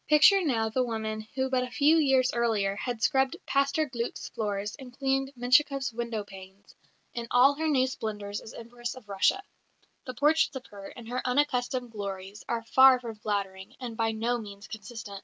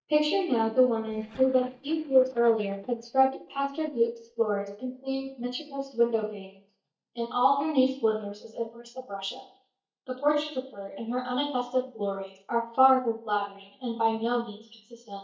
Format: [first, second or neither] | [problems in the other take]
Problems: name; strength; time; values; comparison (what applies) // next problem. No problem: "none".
first | noise reduction (neural mask model DeepFilterNet 3)